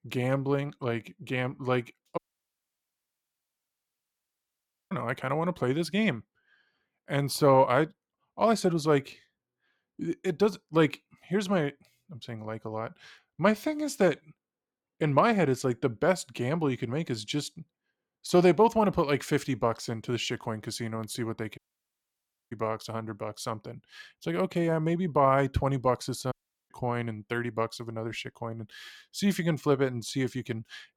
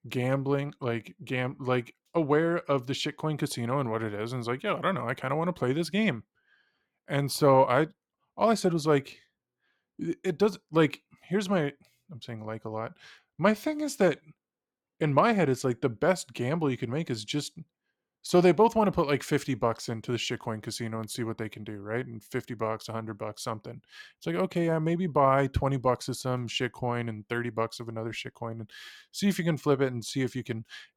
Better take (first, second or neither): second